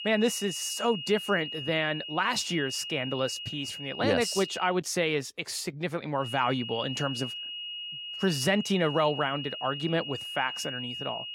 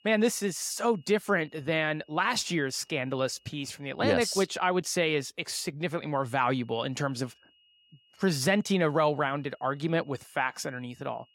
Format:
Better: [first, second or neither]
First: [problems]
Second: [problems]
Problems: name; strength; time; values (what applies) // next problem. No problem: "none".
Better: second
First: high-pitched whine; loud; until 4.5 s and from 6 s on; 3 kHz, 7 dB below the speech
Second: high-pitched whine; faint; until 4.5 s and from 6 s on; 3 kHz, 35 dB below the speech